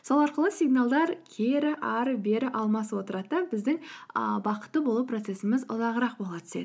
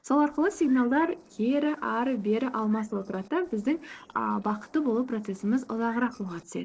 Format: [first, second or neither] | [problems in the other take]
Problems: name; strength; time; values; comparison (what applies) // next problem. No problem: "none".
first | noise reduction (neural separator model SepFormer DNS4)